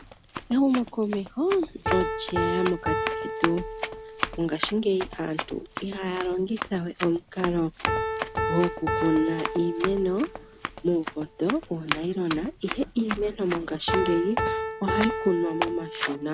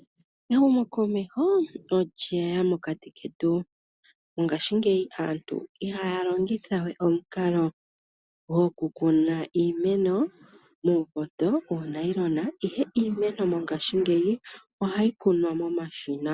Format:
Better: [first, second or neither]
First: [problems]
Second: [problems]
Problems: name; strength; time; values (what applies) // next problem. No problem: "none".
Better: second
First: background sound (Piano + Run); 4 dB below the speech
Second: none